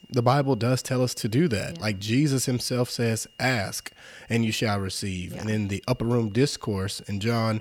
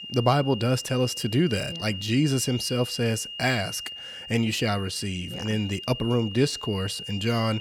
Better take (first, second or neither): first